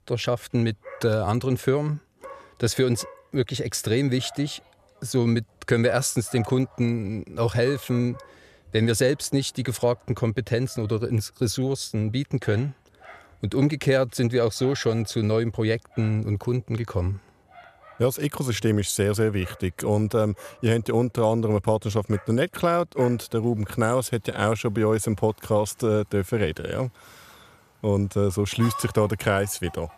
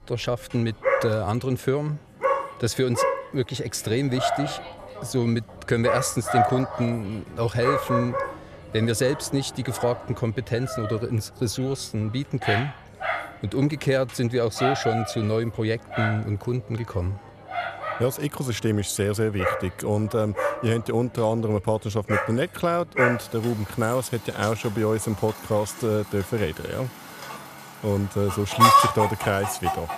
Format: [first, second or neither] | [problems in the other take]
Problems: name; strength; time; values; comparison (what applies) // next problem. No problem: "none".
first | animal sounds; loud; throughout; 1 dB below the speech; faint in the first